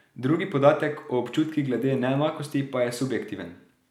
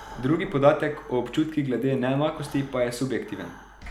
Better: first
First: none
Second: background sound (Knock + Breathing); 20 dB below the speech

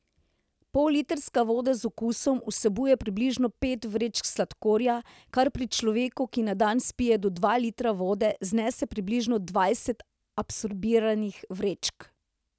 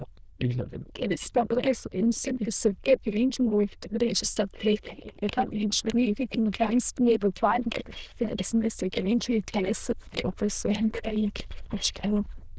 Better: first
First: none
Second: noise reduction (neural diffusion model UNIVERSE++)

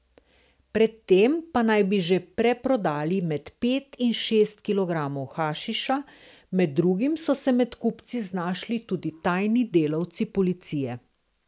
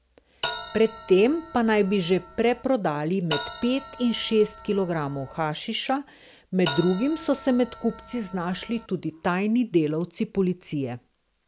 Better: first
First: none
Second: background sound (Bell); 13 dB below the speech

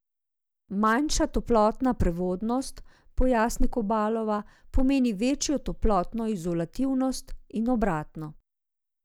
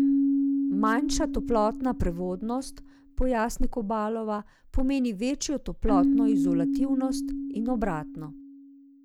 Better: first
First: none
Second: background sound (Keyboard (musical)); 1 dB below the speech

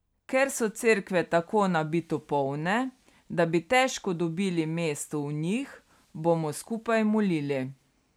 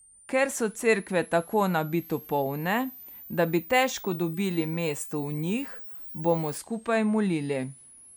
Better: first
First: none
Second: background sound (Camera); 17 dB below the speech

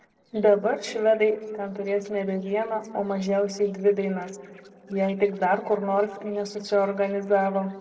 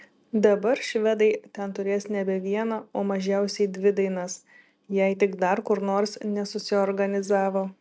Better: second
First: noise reduction (neural separator model SepFormer DNS4)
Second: none

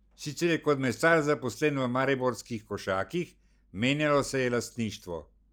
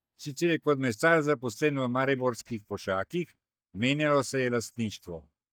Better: first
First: none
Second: noise reduction (neural mask model DeepFilterNet 3)

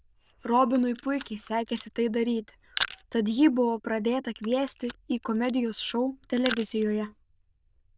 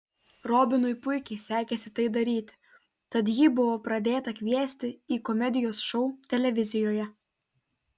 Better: second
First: noise reduction (neural diffusion model UNIVERSE++)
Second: none

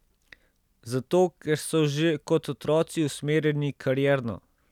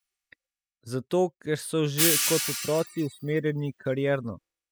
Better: first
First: none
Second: noise reduction (classical method spectral subtraction)

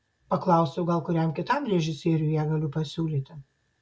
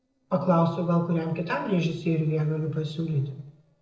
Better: first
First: none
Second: noise reduction (neural separator model SepFormer DNS4)

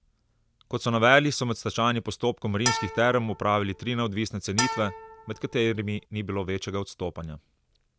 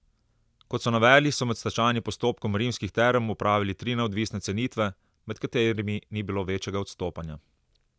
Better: second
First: background sound (Bowed string instrument); 7 dB below the speech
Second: none

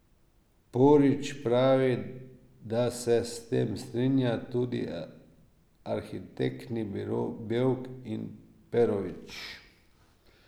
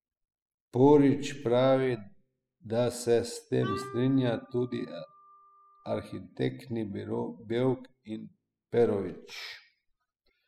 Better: first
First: none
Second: noise reduction (classical method spectral subtraction)

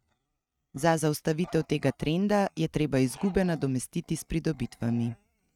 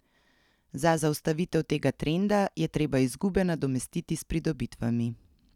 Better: second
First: noise reduction (neural mask model RNNoise)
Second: none

